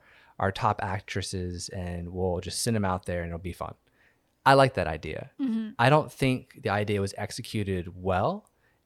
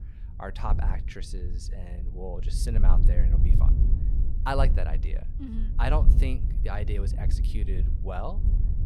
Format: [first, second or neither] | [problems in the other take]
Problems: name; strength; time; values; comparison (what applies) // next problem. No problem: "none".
first | wind noise on the microphone; heavy; 9 dB below the speech